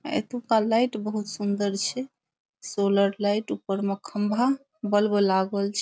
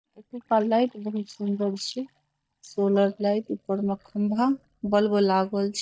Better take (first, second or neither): first